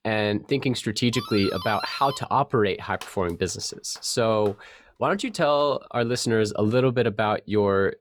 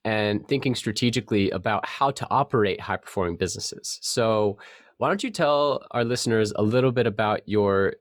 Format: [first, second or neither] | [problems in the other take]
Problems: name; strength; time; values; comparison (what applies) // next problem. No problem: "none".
second | doorbell; noticeable; from 1 to 5.5 s; peak 8 dB below the speech